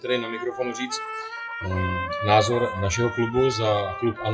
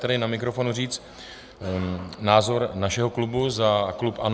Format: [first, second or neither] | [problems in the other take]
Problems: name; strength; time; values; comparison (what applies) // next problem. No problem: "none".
second | noise reduction (classical method WPE with log-MMSE)